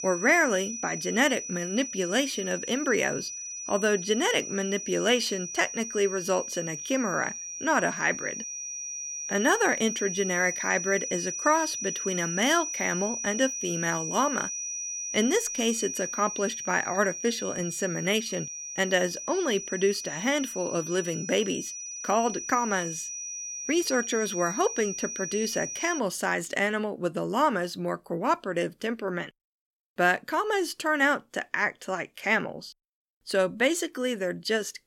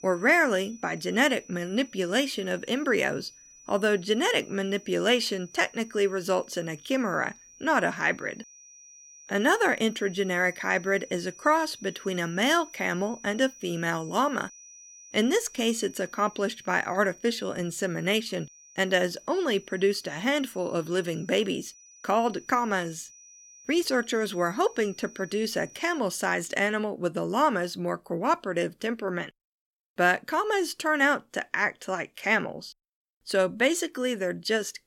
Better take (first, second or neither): second